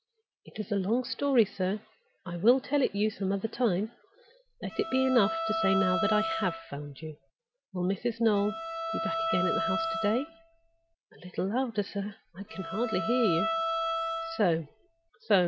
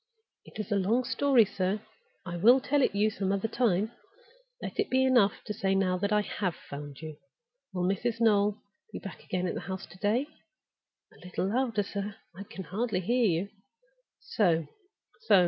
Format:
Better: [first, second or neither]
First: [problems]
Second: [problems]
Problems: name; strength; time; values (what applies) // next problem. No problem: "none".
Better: second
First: background sound (Bowed string instrument); 3 dB below the speech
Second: none